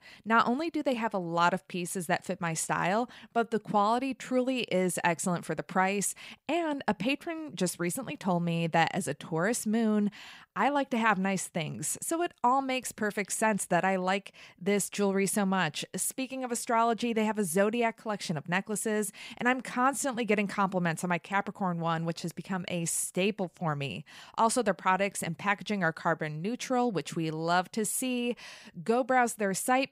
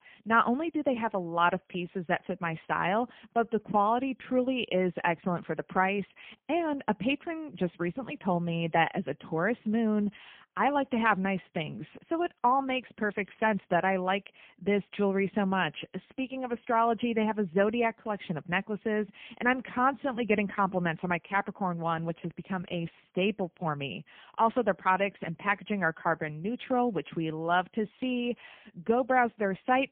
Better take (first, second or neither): first